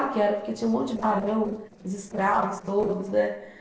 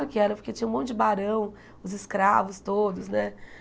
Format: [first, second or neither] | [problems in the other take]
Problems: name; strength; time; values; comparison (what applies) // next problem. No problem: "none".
second | noise reduction (neural separator model SepFormer DNS4)